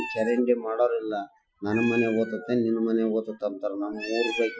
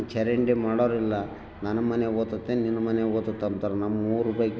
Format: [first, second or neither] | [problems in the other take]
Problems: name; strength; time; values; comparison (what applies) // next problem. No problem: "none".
second | noise reduction (classical method Wiener filter)